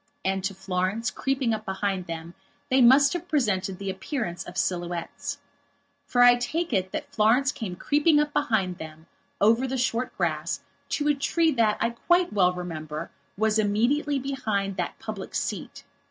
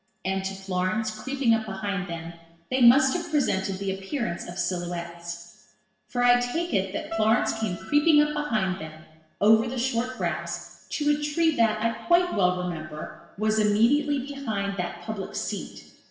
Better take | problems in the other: first | background sound (Keyboard (musical)); 9 dB below the speech // room echo; dies away in 0.9 s

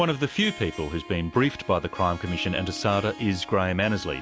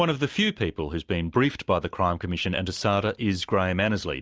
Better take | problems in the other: second | background sound (Harp); 16 dB below the speech

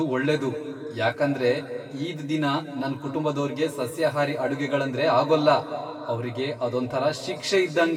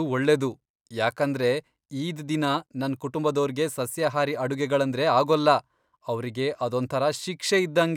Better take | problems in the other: second | room echo; dies away in 2.4 s

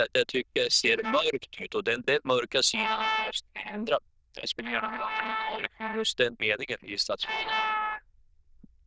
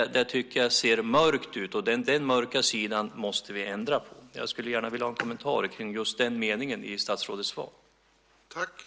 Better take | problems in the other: second | noise reduction (neural diffusion model UNIVERSE++)

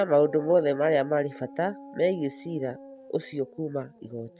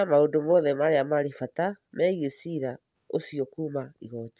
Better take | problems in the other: second | background sound (Dog); 19 dB below the speech

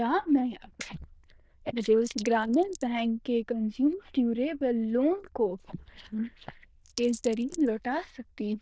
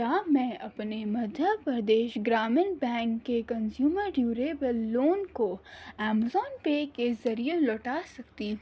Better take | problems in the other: second | noise reduction (neural diffusion model UNIVERSE++)

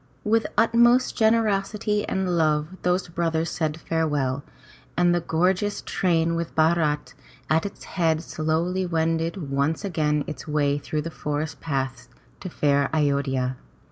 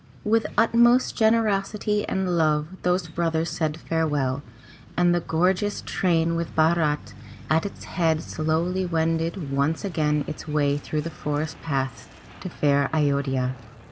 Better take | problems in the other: first | background sound (Truck); 19 dB below the speech

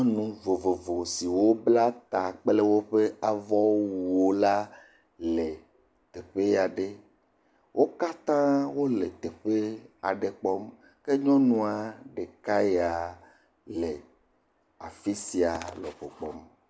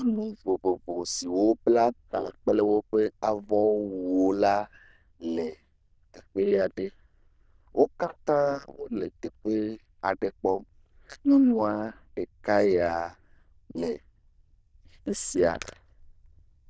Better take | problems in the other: first | noise reduction (neural diffusion model UNIVERSE++)

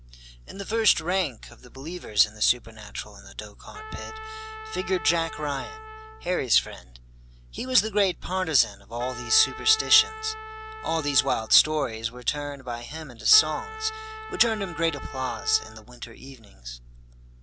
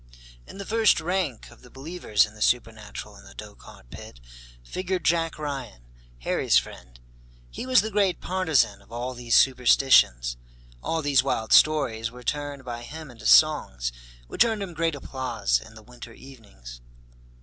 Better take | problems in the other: second | background sound (Trumpet); 12 dB below the speech

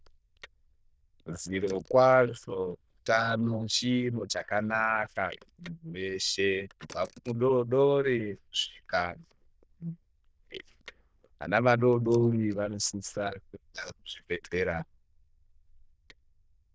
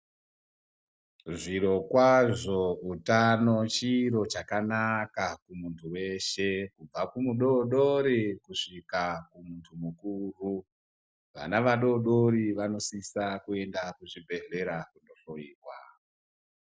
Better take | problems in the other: second | noise reduction (neural diffusion model UNIVERSE++)

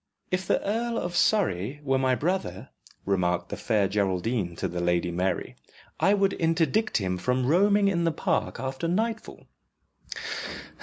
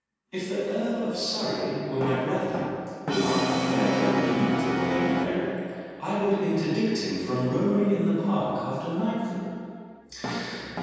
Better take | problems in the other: first | background sound (Brass instrument); 5 dB below the speech // room echo; dies away in 2.1 s

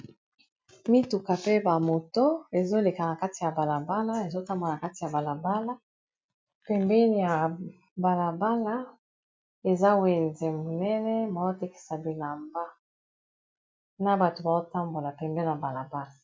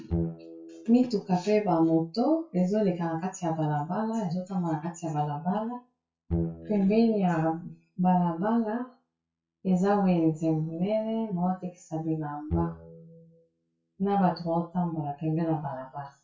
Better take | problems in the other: first | noise reduction (classical method WPE with log-MMSE)

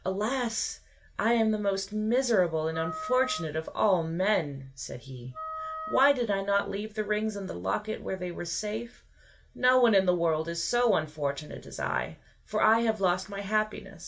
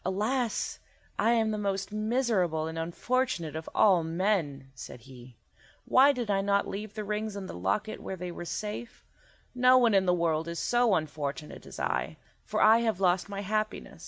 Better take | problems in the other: second | background sound (Wind instrument, woodwind instrument); 11 dB below the speech // room echo; dies away in 0.2 s

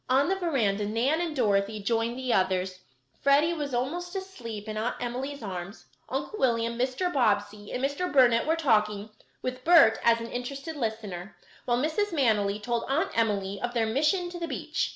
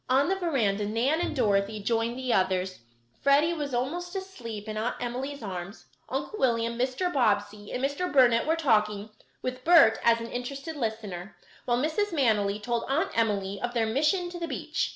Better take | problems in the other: first | background sound (Bowed string instrument); 19 dB below the speech

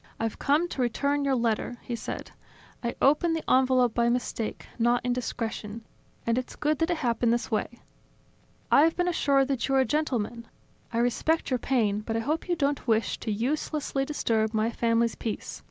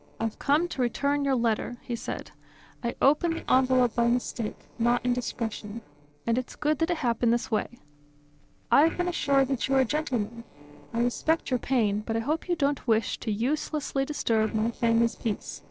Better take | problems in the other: first | noise reduction (neural separator model SepFormer DNS4)

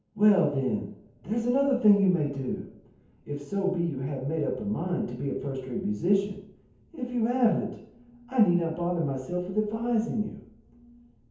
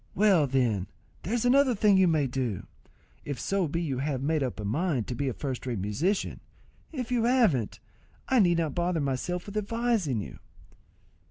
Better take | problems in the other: second | room echo; dies away in 0.7 s

